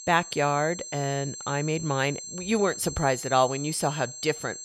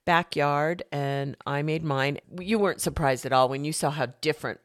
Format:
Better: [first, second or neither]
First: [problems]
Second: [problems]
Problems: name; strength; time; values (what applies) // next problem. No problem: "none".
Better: second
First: high-pitched whine; loud; throughout; 7.5 kHz, 10 dB below the speech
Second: none